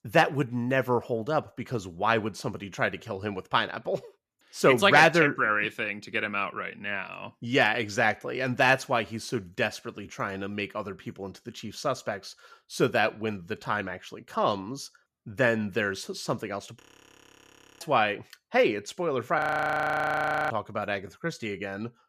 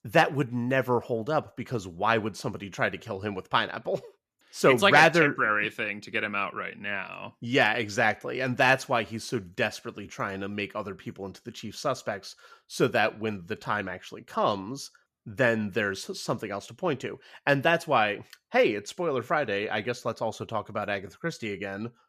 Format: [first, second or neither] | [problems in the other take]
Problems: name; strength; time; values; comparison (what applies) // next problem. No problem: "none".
second | audio freezing; at 17 s for 1 s and at 19 s for 1 s